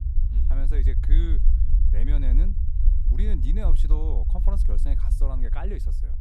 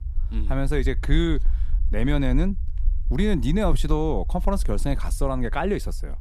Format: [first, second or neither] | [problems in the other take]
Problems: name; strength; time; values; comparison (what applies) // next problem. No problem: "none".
second | low rumble; loud; throughout; 5 dB below the speech; faint in the second